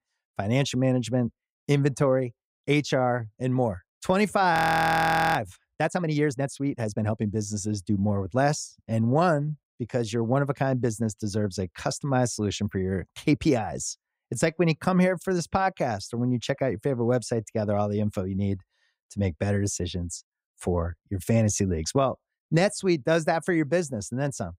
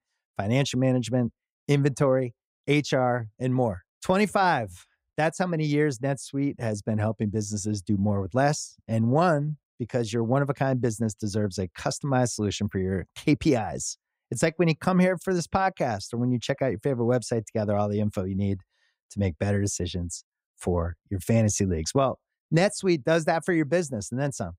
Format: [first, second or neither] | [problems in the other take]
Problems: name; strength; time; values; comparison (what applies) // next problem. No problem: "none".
second | audio freezing; at 4.5 s for 1 s